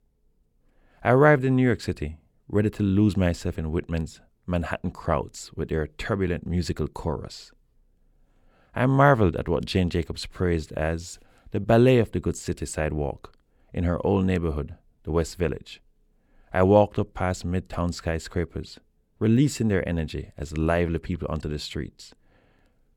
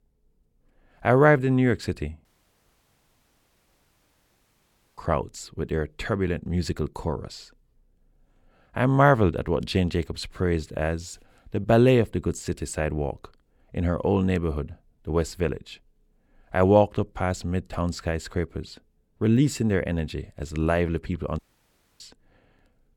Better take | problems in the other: first | audio cutting out; at 2.5 s for 2.5 s and at 21 s for 0.5 s

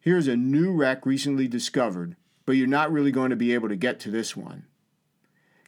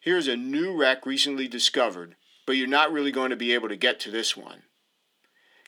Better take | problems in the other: first | thin; somewhat; fading below 350 Hz

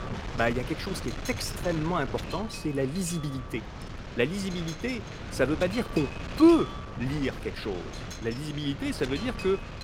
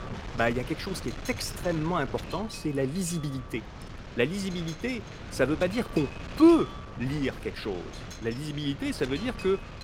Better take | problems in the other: second | wind noise on the microphone; heavy; 9 dB below the speech; occasional gusts in the second

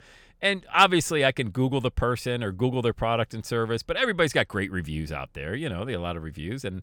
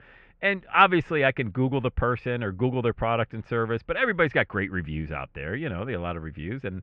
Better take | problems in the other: first | muffled; very; fading above 2.5 kHz

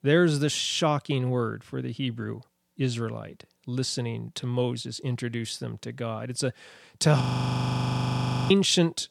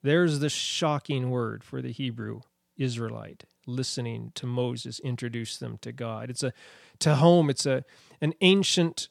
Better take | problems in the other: second | audio freezing; at 7 s for 1.5 s

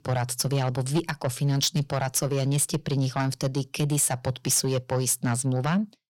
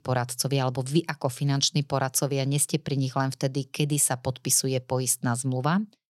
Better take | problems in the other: second | distortion; slight; 10 dB below the speech

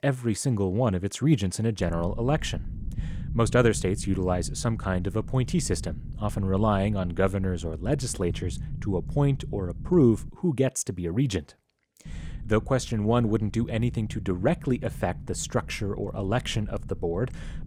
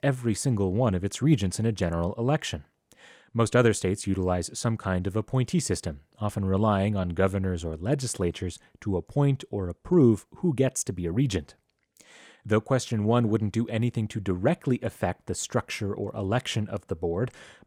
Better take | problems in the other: second | low rumble; faint; from 2 to 10 s and from 12 s on; 20 dB below the speech

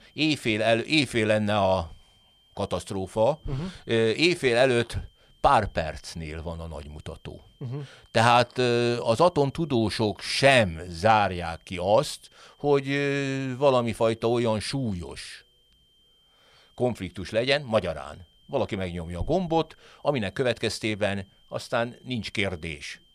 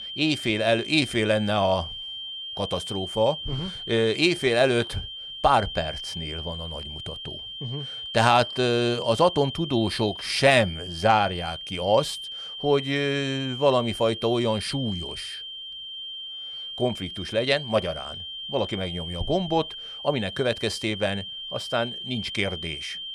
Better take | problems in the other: first | high-pitched whine; loud; throughout; 3 kHz, 9 dB below the speech; faint in the first

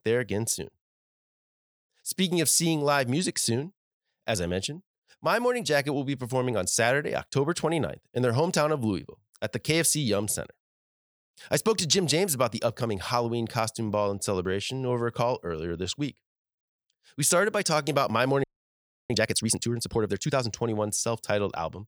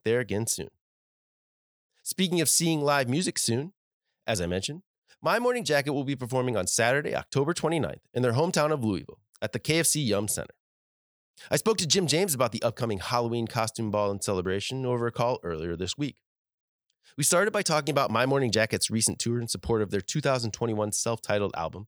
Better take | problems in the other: second | audio freezing; at 18 s for 0.5 s

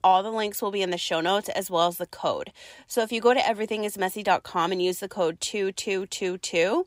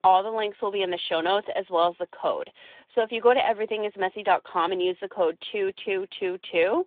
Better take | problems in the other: first | phone-call audio

